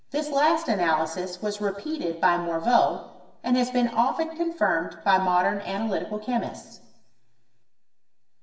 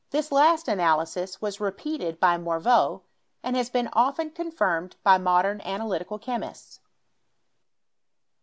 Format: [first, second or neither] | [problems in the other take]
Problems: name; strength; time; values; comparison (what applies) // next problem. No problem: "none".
second | room echo; dies away in 1 s